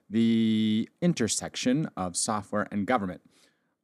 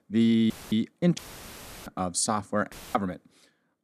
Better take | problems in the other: first | audio cutting out; filled with static; at 0.5 s, at 1 s for 0.5 s and at 2.5 s

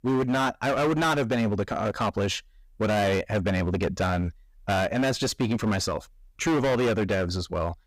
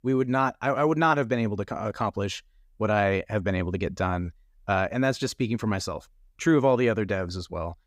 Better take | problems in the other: second | distortion; heavy; 20% of the sound clipped

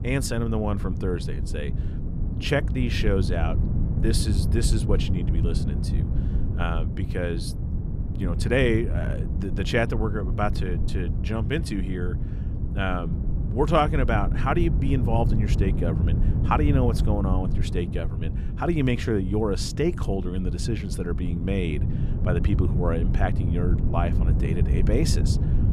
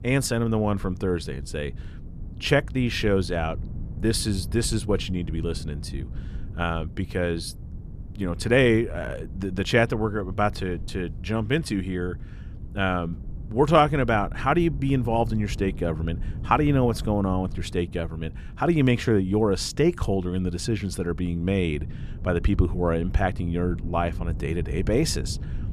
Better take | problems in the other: second | wind noise on the microphone; heavy; 9 dB below the speech; occasional gusts in the second

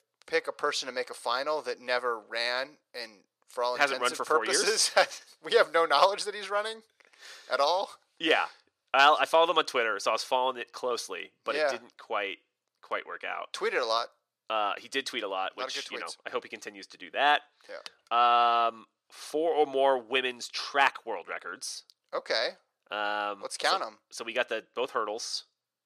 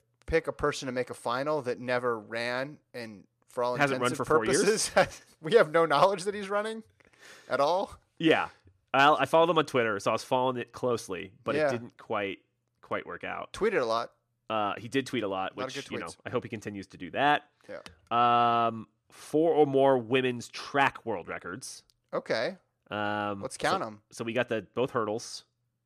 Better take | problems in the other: second | thin; somewhat; fading below 550 Hz

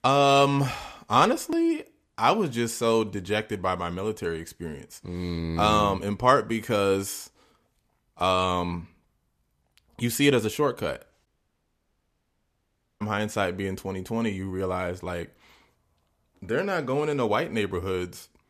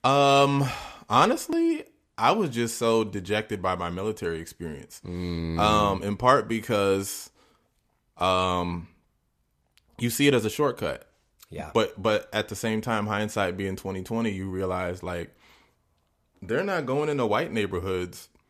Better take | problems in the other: second | audio cutting out; at 11 s for 1.5 s

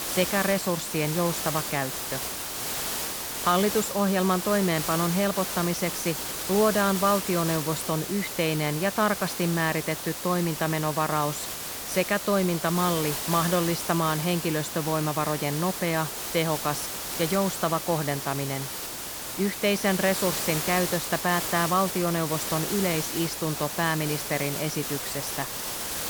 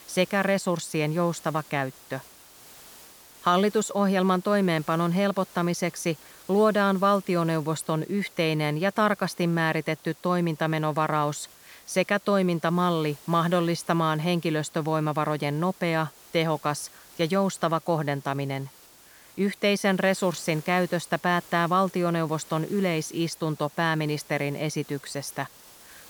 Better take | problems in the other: second | hiss; loud; throughout; 4 dB below the speech; faint in the second

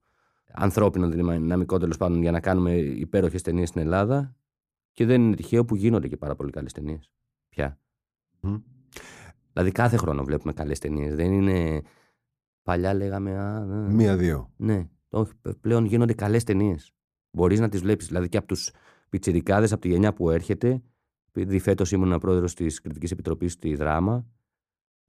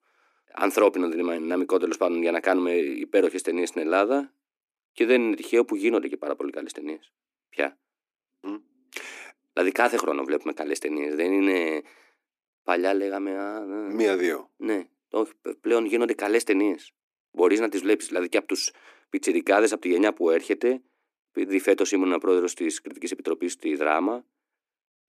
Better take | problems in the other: first | thin; somewhat; fading below 300 Hz

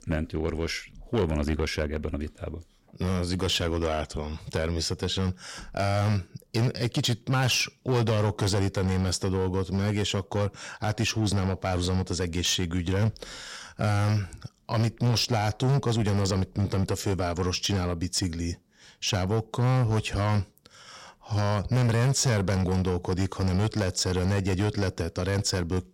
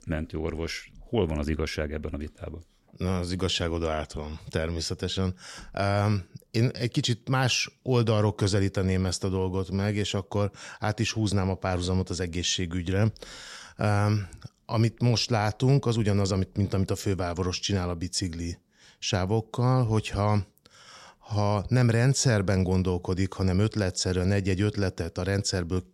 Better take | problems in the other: second | distortion; slight; 10% of the sound clipped

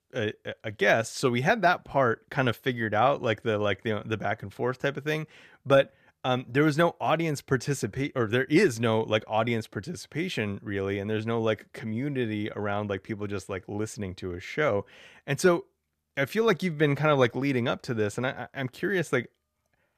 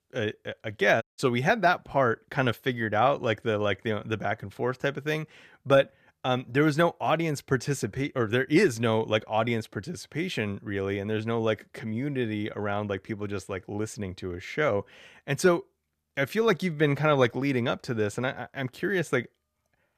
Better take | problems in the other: first | audio cutting out; at 1 s

